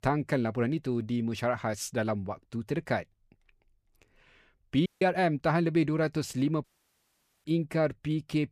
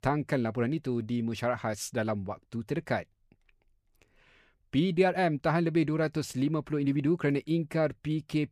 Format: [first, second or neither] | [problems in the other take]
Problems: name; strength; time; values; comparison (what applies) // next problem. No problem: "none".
second | audio cutting out; at 5 s and at 6.5 s for 1 s